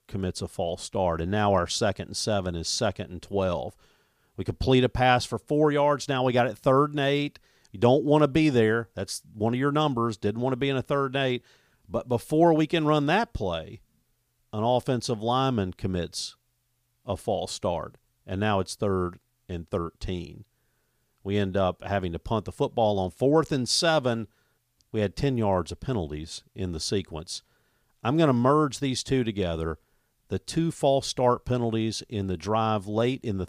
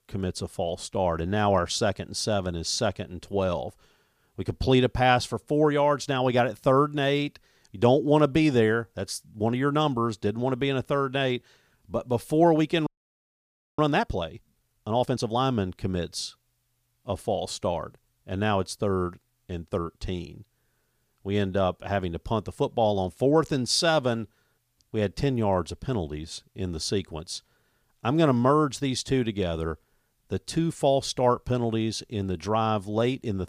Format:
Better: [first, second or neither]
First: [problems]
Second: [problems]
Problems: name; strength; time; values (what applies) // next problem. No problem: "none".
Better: first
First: none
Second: audio freezing; at 13 s for 1 s